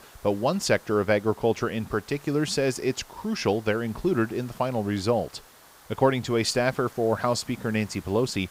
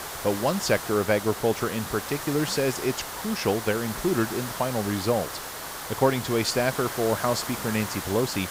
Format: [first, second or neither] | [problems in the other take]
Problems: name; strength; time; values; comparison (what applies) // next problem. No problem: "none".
first | hiss; loud; throughout; 7 dB below the speech; faint in the first